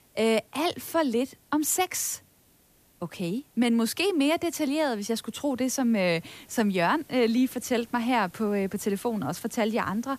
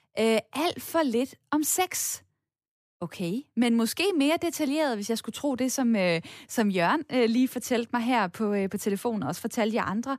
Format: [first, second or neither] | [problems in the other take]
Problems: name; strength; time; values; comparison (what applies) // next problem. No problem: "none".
second | hiss; faint; throughout; 30 dB below the speech